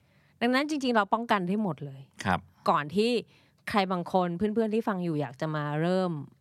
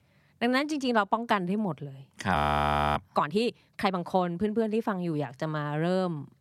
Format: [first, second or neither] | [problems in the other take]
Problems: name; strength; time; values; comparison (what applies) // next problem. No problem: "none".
first | audio freezing; at 2.5 s for 0.5 s